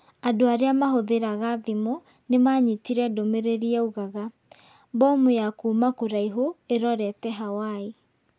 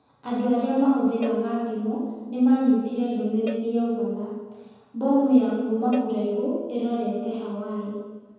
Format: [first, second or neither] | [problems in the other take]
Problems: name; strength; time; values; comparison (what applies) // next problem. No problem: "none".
first | background sound (Cowbell); 20 dB below the speech // room echo; dies away in 1.2 s